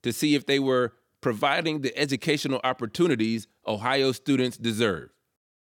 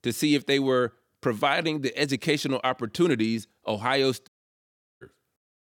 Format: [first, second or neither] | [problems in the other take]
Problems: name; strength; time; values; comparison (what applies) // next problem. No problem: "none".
first | audio cutting out; at 4.5 s for 0.5 s